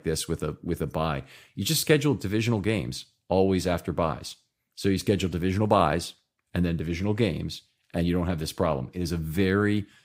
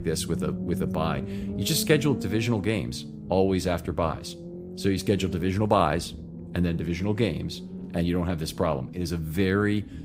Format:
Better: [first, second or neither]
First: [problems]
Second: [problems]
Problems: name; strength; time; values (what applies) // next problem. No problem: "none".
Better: first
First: none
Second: low rumble; noticeable; throughout; 15 dB below the speech